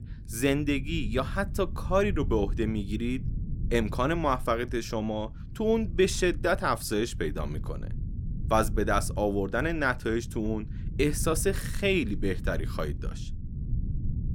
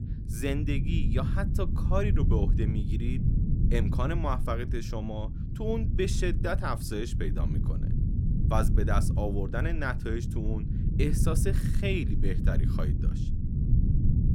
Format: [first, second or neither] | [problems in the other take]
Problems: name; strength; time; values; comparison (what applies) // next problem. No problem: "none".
first | low rumble; loud; throughout; 7 dB below the speech; faint in the first